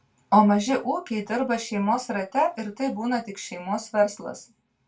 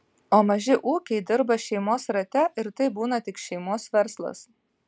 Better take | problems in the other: second | room echo; dies away in 0.2 s

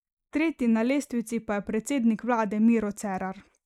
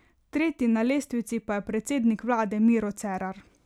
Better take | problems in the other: second | noise reduction (neural mask model Resemble Enhance denoiser)

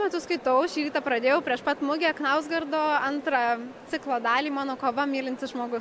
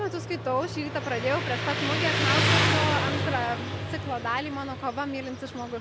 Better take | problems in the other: first | background sound (Motorcycle); 2 dB above the speech

